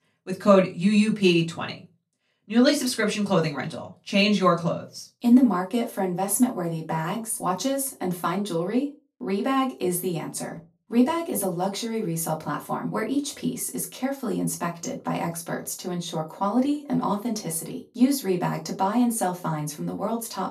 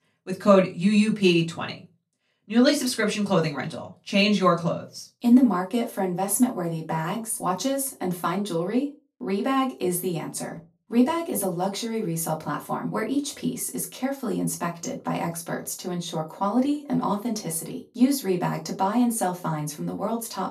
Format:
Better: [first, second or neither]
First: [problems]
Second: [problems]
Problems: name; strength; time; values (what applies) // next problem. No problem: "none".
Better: neither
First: off-mic speech; far // room echo; very slight; dies away in 0.2 s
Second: off-mic speech; far // room echo; very slight; dies away in 0.2 s